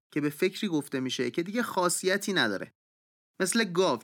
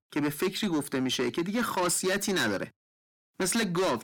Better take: first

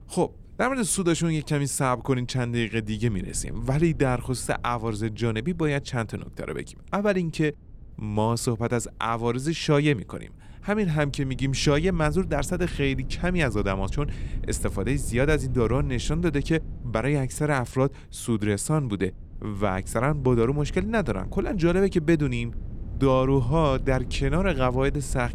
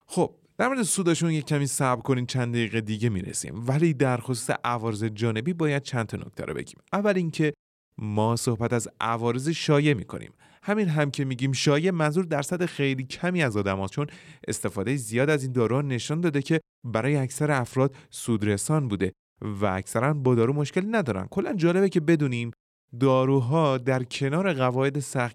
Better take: second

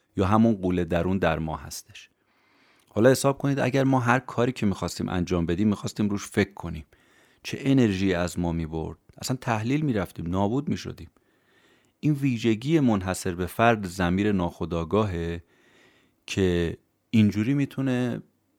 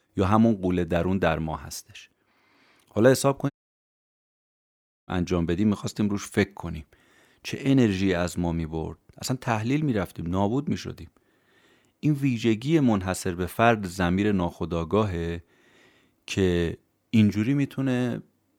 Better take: first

